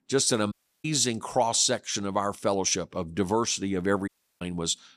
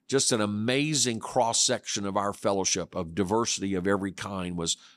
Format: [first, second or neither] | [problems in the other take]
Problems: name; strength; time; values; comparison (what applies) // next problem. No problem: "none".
second | audio cutting out; at 0.5 s and at 4 s